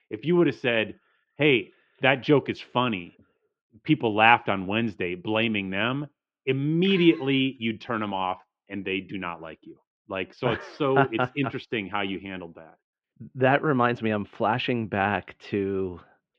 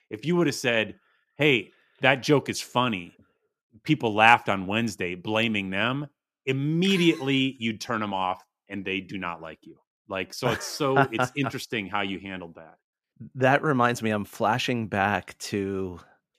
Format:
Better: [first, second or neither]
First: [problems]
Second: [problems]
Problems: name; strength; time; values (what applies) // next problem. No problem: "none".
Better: second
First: muffled; very; fading above 3 kHz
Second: none